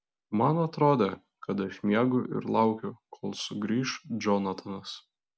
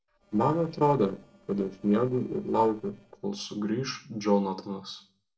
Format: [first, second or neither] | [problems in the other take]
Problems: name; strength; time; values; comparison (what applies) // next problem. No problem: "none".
first | noise reduction (neural separator model SepFormer DNS4)